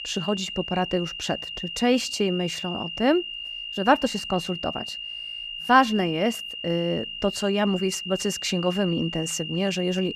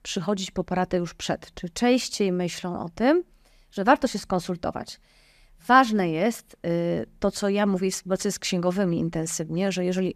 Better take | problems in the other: second | high-pitched whine; loud; throughout; 3 kHz, 7 dB below the speech

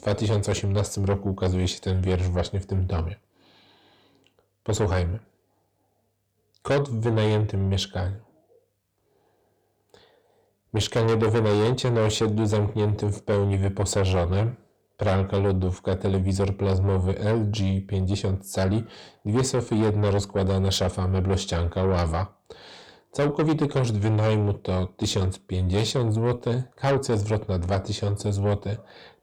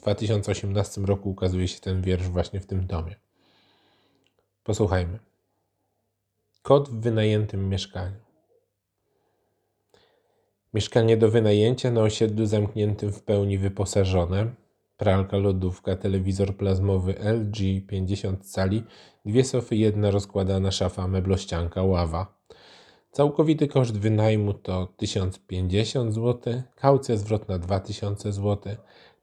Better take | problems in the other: second | distortion; heavy; 7 dB below the speech

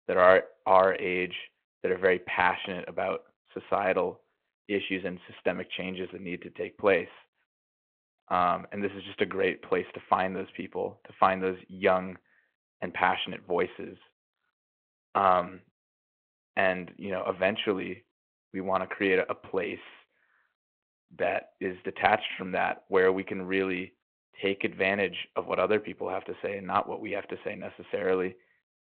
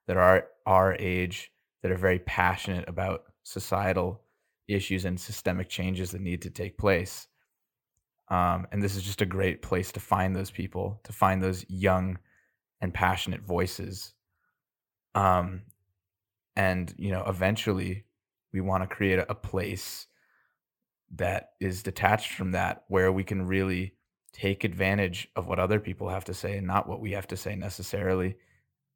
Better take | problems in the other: second | phone-call audio

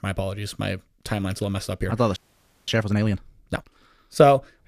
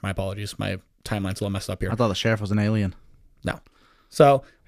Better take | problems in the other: second | audio freezing; at 2 s for 0.5 s

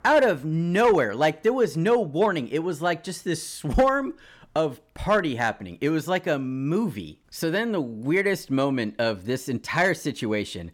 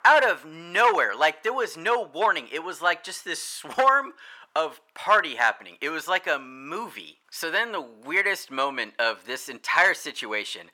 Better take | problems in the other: first | thin; very; fading below 650 Hz

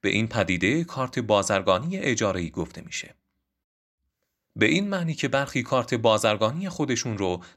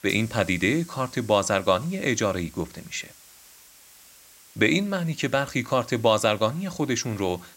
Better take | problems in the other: first | hiss; faint; throughout; 20 dB below the speech

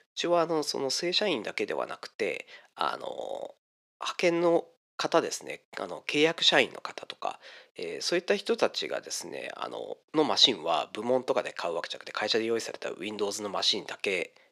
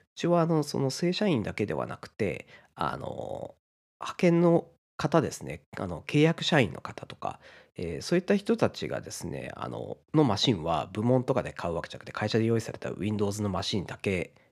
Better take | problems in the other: second | thin; somewhat; fading below 400 Hz

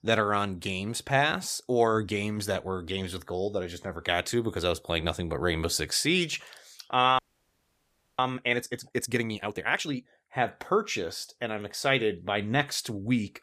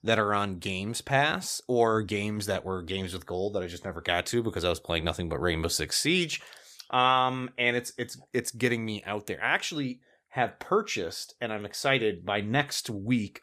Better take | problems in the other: second | audio freezing; at 7 s for 1 s

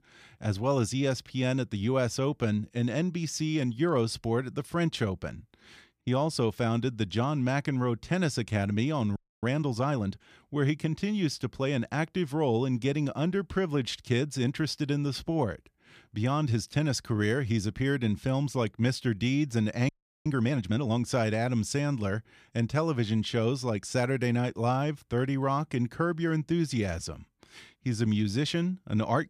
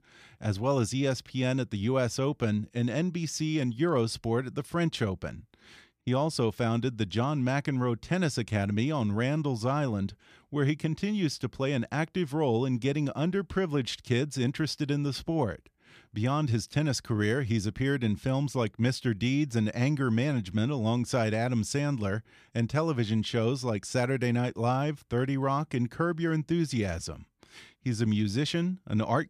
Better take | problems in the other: second | audio freezing; at 9 s and at 20 s

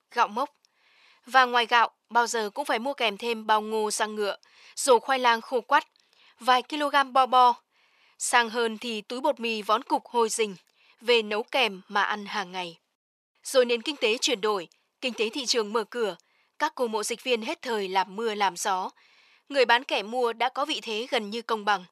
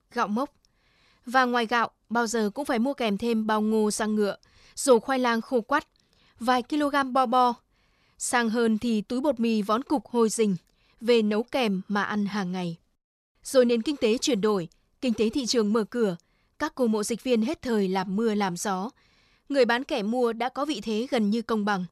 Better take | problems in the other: second | thin; somewhat; fading below 450 Hz

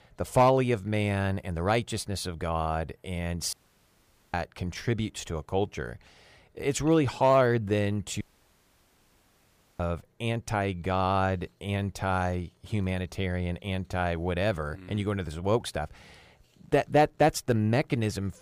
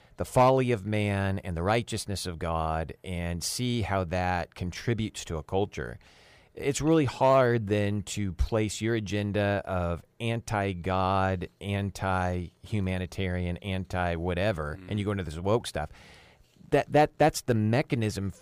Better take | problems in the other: second | audio cutting out; at 3.5 s for 1 s and at 8 s for 1.5 s

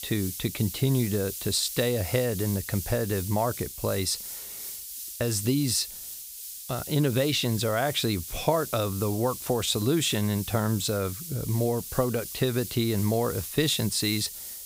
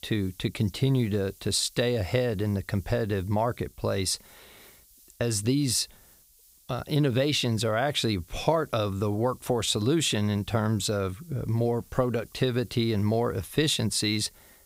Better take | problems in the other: second | hiss; loud; throughout; 9 dB below the speech; faint in the second

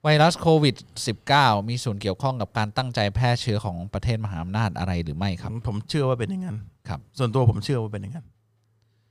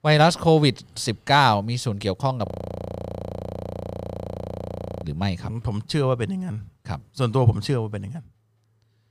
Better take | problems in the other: first | audio freezing; at 2.5 s for 2.5 s

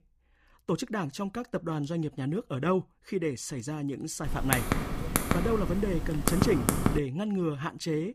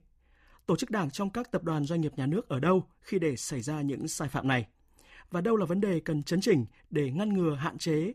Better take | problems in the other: second | keyboard typing; loud; from 4.5 to 7 s; peak 4 dB above the speech

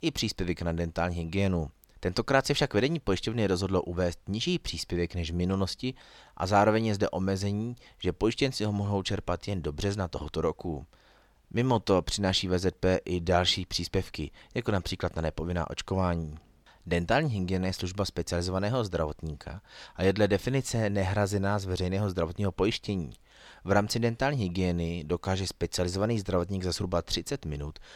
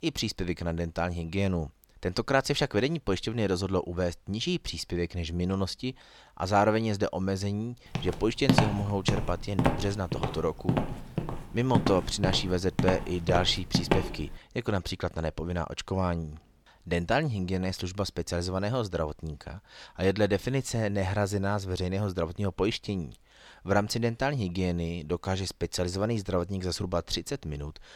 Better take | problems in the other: first | footsteps; loud; from 8 to 14 s; peak 5 dB above the speech

